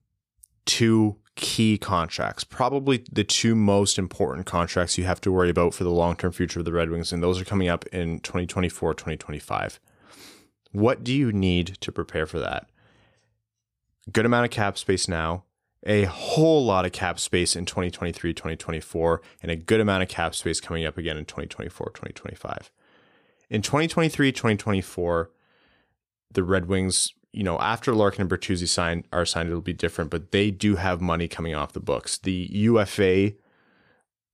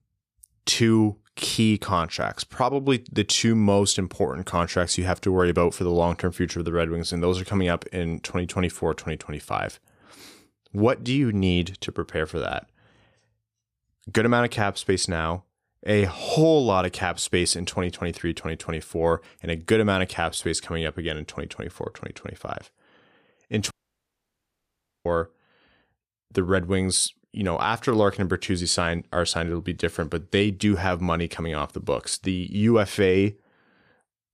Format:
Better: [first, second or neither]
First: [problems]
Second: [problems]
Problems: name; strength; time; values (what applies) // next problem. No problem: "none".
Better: first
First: none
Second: audio cutting out; at 24 s for 1.5 s